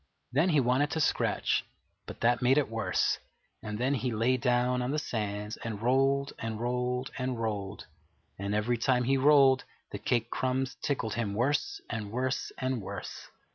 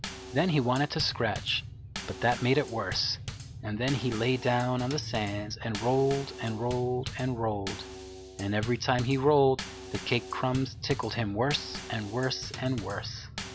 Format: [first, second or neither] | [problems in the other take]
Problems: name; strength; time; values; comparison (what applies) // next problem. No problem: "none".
first | background sound (Bass drum / Snare drum / Drum kit); 11 dB below the speech